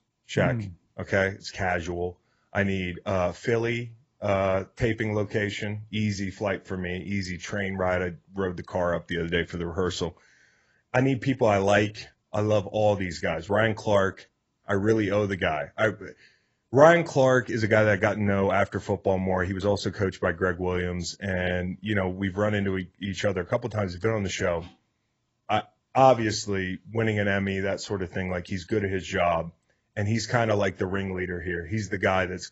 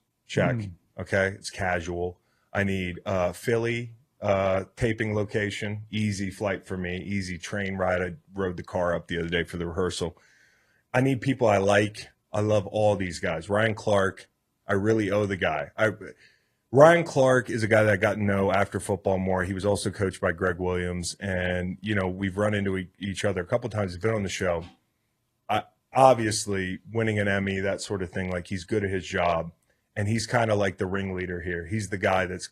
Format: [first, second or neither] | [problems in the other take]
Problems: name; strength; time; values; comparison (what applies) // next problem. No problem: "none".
second | garbled, watery; badly; nothing above 7.5 kHz; slightly in the second